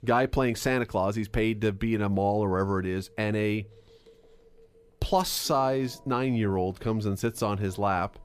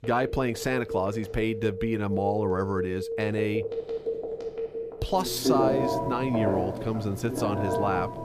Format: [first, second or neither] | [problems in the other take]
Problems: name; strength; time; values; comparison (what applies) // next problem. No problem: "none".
first | alarms or sirens; loud; throughout; 2 dB below the speech; faint in the first